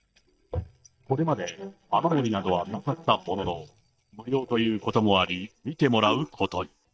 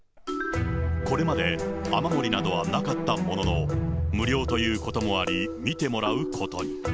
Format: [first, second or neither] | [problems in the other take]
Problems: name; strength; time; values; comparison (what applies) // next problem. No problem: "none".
second | noise reduction (neural mask model DeepFilterNet 3)